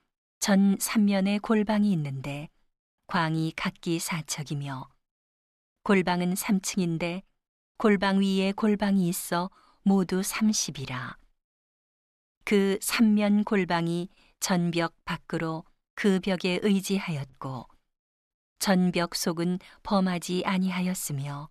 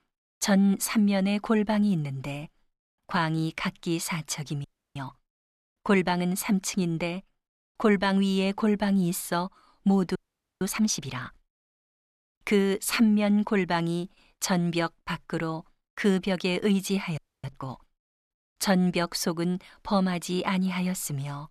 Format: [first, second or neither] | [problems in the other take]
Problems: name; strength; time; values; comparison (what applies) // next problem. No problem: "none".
first | audio freezing; at 4.5 s, at 10 s and at 17 s